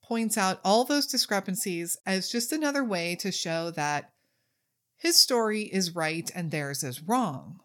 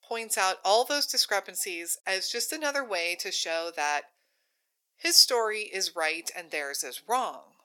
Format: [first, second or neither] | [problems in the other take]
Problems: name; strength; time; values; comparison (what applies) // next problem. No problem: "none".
first | thin; very; fading below 400 Hz